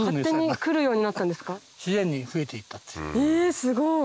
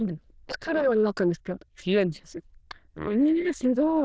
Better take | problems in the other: first | noise reduction (neural diffusion model UNIVERSE++)

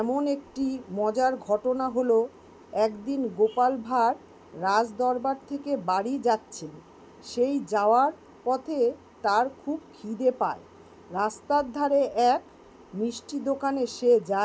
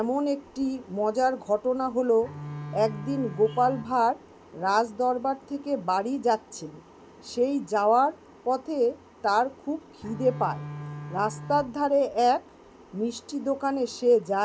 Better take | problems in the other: first | background sound (Bowed string instrument); 12 dB below the speech

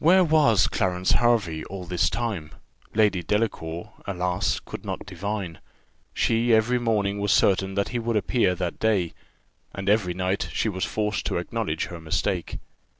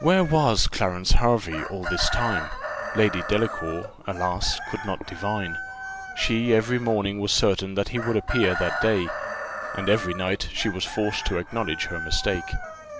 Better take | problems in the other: first | background sound (Chicken, rooster); 9 dB below the speech

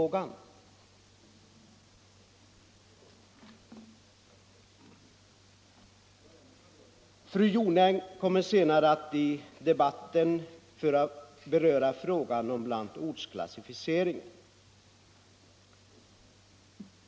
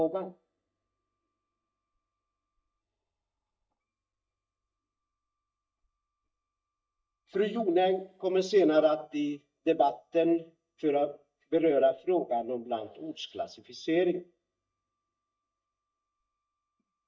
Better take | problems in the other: first | noise reduction (neural mask model DeepFilterNet 3)

